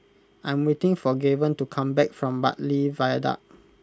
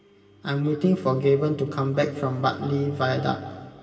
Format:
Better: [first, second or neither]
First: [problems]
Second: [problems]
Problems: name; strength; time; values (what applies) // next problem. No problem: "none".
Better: first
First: none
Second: background sound (Bowed string instrument); 18 dB below the speech // room echo; dies away in 2 s